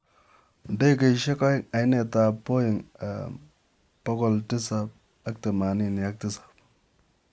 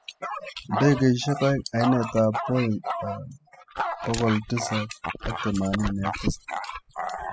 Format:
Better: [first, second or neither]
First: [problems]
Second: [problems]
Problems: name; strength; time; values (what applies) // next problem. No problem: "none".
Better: first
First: none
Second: noise reduction (classical method spectral subtraction)